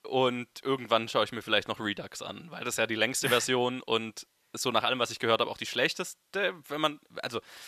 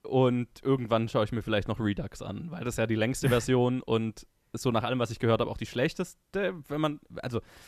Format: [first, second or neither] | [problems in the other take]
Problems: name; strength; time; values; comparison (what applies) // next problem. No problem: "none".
second | thin; somewhat; fading below 1 kHz